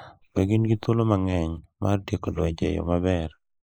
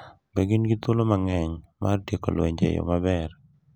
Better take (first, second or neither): second